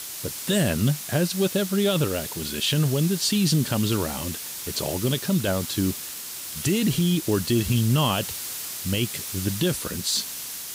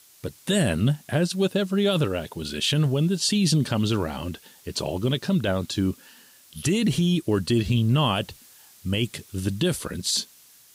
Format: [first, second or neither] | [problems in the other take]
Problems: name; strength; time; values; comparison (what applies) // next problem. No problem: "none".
second | hiss; loud; throughout; 7 dB below the speech; faint in the second